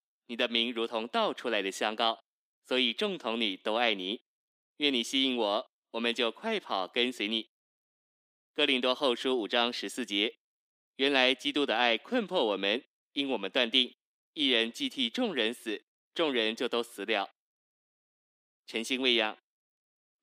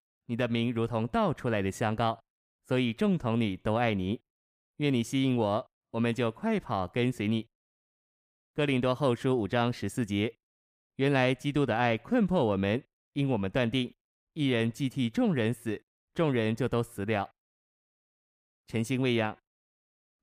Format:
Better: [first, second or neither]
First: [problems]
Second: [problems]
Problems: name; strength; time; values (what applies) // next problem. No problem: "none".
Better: second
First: thin; very slightly; fading below 250 Hz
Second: none